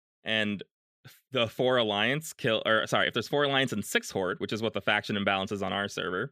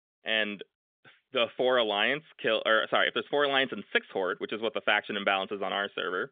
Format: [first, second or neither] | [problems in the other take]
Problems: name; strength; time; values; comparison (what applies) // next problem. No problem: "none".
first | phone-call audio; nothing above 3.5 kHz